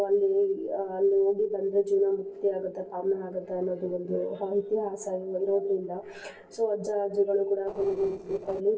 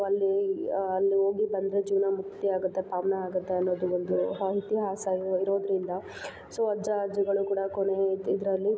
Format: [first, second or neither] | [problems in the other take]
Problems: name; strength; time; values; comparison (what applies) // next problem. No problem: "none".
second | noise reduction (neural separator model SepFormer DNS4)